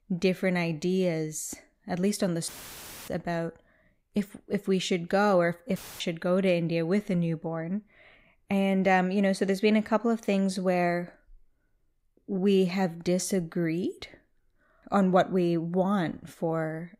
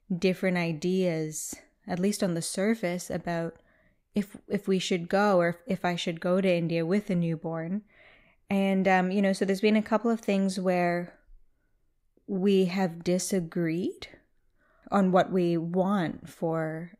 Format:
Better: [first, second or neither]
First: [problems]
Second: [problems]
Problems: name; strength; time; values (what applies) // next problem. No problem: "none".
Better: second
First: audio cutting out; filled with static; at 2.5 s for 0.5 s and at 6 s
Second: none